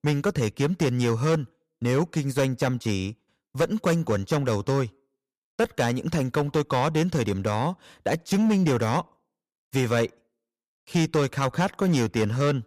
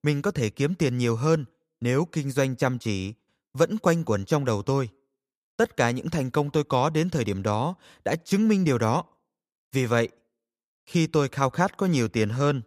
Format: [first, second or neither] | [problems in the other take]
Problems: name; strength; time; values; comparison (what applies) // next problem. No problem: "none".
second | distortion; slight; 7% of the sound clipped